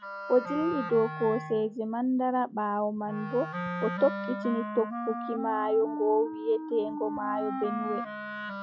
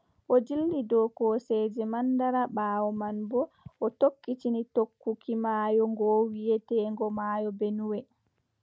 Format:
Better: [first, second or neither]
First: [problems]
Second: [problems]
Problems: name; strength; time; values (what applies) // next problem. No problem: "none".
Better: second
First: noise reduction (classical method log-MMSE)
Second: none